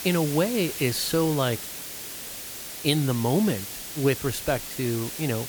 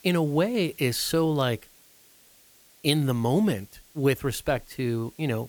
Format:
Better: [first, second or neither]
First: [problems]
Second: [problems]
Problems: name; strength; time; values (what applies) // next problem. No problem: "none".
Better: second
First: hiss; loud; throughout; 8 dB below the speech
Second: hiss; faint; throughout; 25 dB below the speech